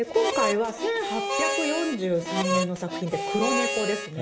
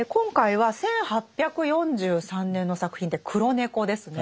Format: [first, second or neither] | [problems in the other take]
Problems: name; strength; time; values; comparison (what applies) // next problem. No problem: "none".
second | background sound (Harmonica); 1 dB below the speech // room echo; dies away in 0.9 s